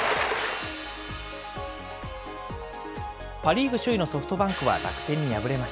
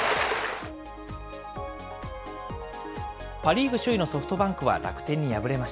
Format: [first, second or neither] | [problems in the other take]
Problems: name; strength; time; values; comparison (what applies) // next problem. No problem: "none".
second | background sound (Crash cymbal); 13 dB below the speech